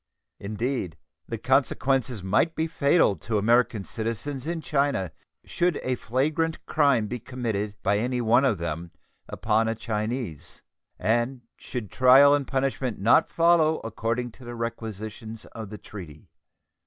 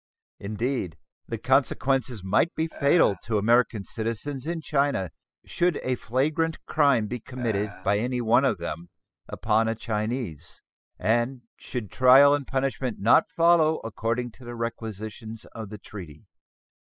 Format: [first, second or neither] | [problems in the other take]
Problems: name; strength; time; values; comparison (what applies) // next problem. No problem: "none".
first | noise reduction (classical method spectral subtraction)